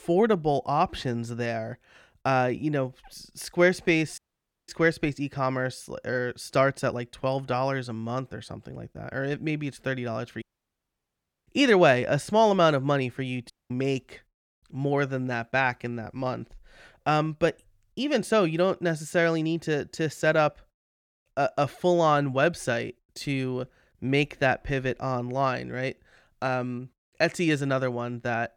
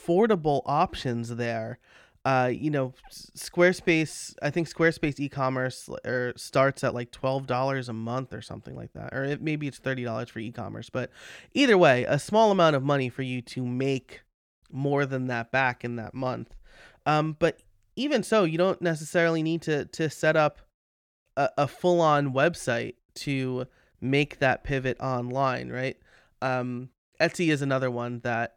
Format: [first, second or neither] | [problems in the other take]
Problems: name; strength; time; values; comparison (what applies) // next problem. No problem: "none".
second | audio cutting out; at 4 s for 0.5 s, at 10 s for 1 s and at 14 s